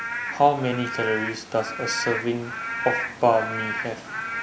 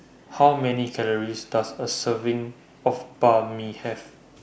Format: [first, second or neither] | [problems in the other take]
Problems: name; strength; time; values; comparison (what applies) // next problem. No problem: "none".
second | background sound (Rain / Frog); 5 dB below the speech